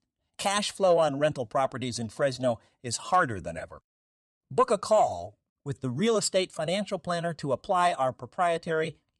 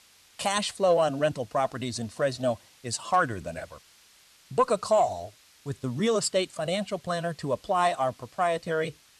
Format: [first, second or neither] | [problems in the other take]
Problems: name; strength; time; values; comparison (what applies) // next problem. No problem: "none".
first | hiss; faint; throughout; 30 dB below the speech